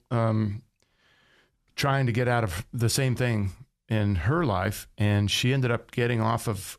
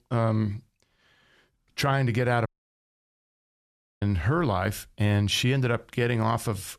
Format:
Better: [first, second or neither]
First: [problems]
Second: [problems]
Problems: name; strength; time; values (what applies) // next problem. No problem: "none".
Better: first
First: none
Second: audio cutting out; at 2.5 s for 1.5 s